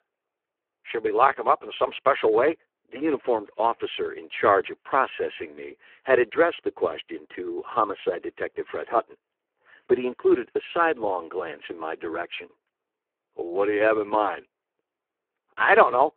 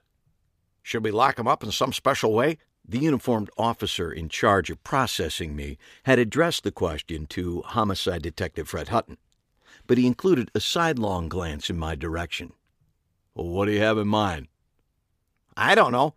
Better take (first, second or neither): second